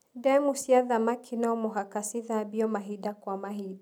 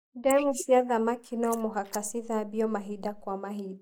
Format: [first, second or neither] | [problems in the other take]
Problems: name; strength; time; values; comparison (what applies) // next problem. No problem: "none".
first | noise reduction (neural mask model Resemble Enhance denoiser)